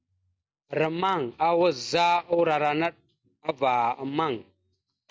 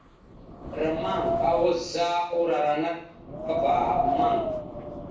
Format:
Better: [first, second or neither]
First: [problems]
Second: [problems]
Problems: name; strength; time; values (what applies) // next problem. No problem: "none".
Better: first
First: none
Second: background sound (Wind); 1 dB below the speech // room echo; dies away in 0.6 s